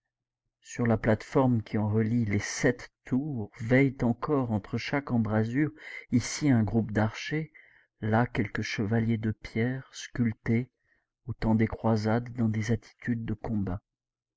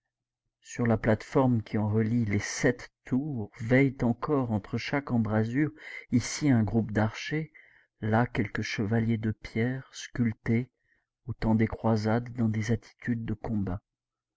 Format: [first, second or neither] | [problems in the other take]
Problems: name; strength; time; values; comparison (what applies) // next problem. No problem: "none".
second | noise reduction (neural mask model Resemble Enhance denoiser)